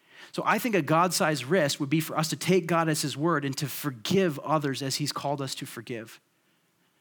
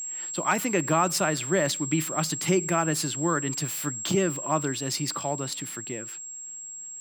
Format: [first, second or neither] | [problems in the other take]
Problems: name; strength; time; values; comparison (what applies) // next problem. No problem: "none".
first | high-pitched whine; loud; throughout; 7.5 kHz, 5 dB below the speech